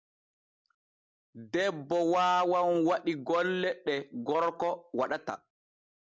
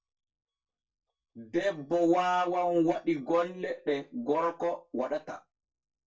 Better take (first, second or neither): first